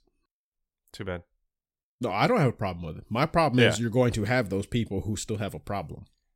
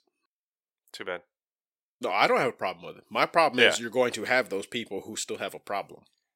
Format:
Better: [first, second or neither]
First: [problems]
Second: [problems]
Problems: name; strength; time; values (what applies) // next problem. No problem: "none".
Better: first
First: none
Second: thin; somewhat; fading below 400 Hz